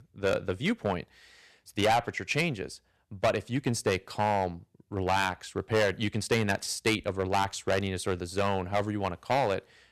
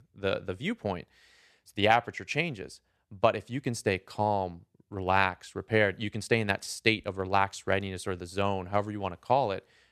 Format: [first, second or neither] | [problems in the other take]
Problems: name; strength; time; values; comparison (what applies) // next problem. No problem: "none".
second | distortion; heavy; 5% of the sound clipped